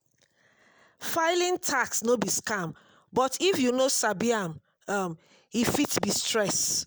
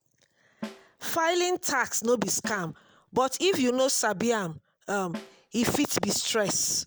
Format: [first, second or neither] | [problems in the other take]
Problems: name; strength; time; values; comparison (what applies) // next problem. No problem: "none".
first | background sound (Snare drum); 18 dB below the speech